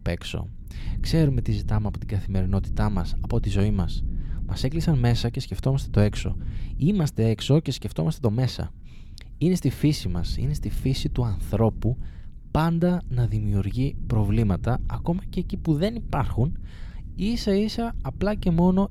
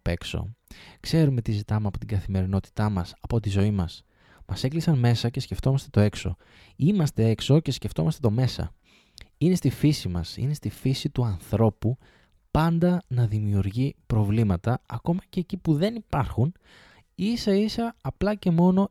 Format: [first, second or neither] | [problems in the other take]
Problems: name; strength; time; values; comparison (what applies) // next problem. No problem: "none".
second | low rumble; noticeable; throughout; 20 dB below the speech